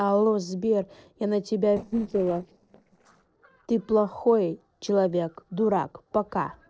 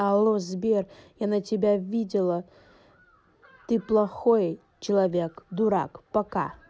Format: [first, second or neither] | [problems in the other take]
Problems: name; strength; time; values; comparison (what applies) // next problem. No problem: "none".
second | noise reduction (neural separator model SepFormer DNS4)